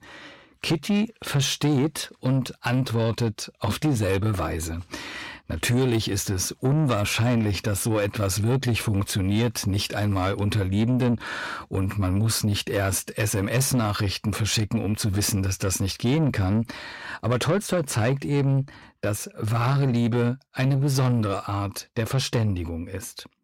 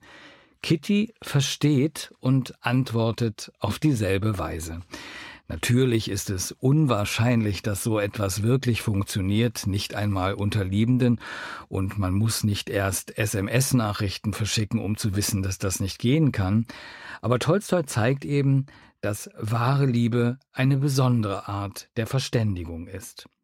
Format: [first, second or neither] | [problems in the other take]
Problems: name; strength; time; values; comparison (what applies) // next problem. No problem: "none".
second | distortion; slight; 10 dB below the speech